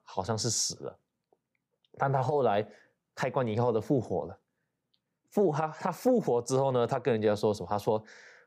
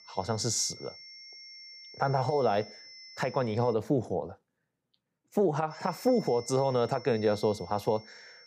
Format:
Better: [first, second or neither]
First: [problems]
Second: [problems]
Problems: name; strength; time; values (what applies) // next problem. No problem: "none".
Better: first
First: none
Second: high-pitched whine; noticeable; until 3.5 s and from 5.5 s on; 5.5 kHz, 20 dB below the speech